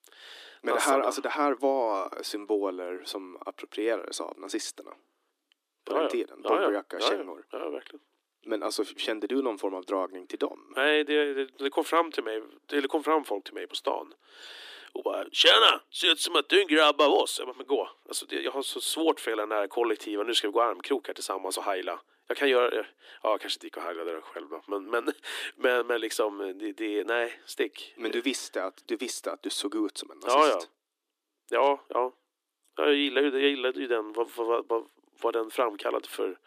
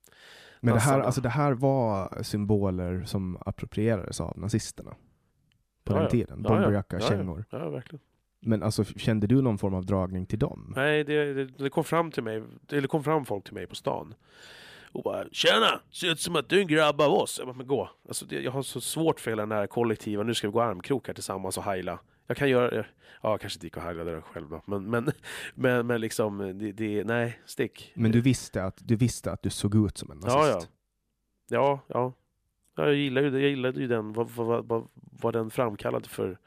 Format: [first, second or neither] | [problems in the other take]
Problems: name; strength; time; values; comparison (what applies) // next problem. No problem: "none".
second | thin; somewhat; fading below 300 Hz